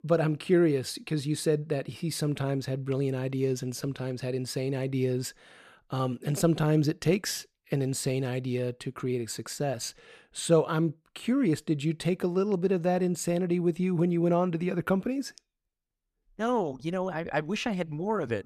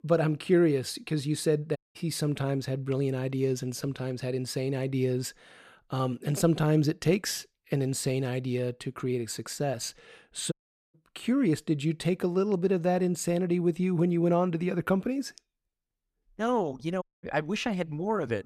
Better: first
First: none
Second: audio cutting out; at 2 s, at 11 s and at 17 s

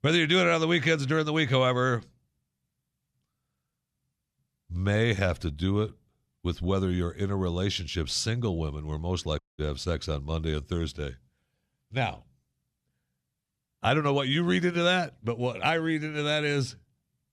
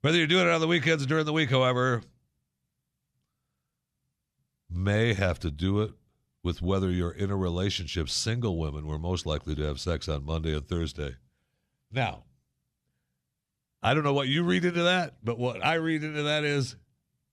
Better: second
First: audio cutting out; at 9.5 s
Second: none

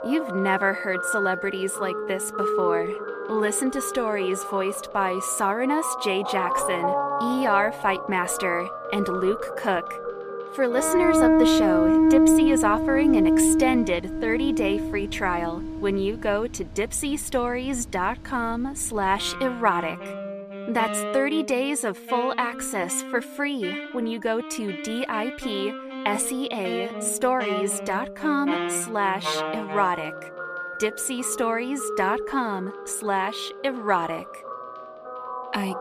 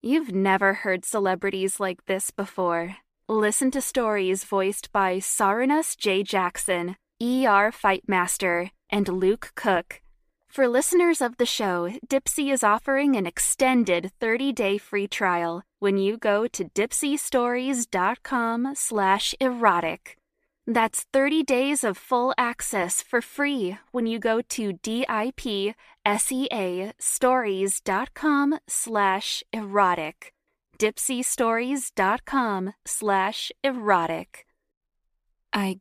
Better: second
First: background music; loud; throughout; 1 dB below the speech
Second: none

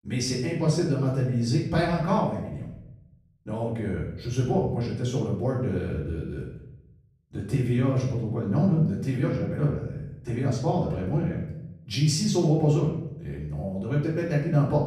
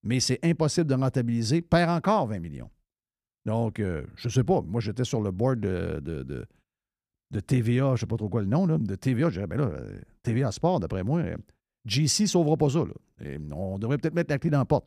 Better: second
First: off-mic speech; far // room echo; noticeable; dies away in 0.8 s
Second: none

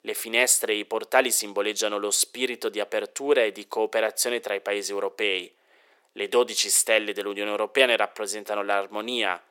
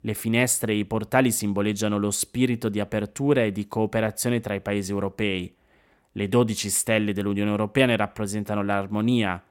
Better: second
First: thin; very; fading below 400 Hz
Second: none

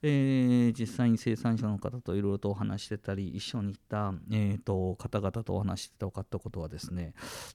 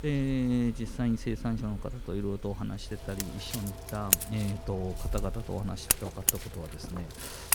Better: first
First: none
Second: household noises; very loud; throughout; 2 dB above the speech

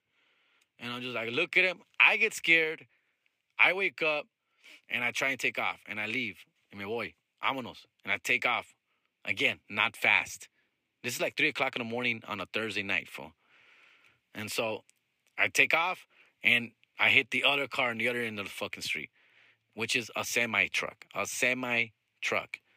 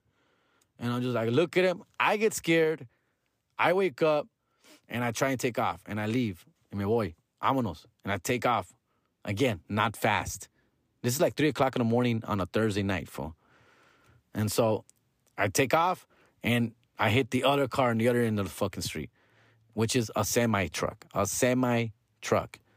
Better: second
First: thin; very slightly; fading below 650 Hz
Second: none

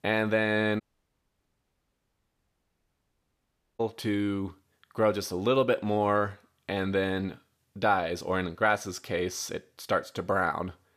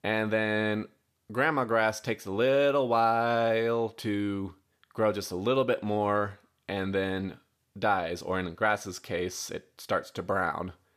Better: second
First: audio cutting out; at 1 s for 3 s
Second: none

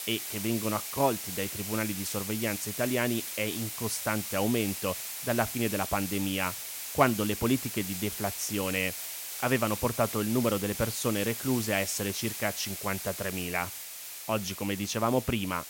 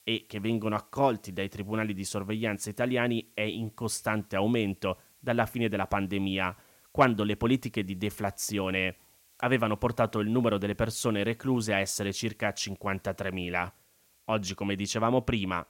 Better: second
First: hiss; loud; throughout; 5 dB below the speech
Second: hiss; faint; throughout; 30 dB below the speech

